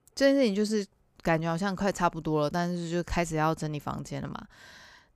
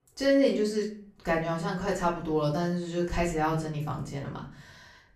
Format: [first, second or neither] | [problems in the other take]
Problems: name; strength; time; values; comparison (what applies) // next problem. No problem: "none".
first | off-mic speech; far // room echo; slight; dies away in 0.4 s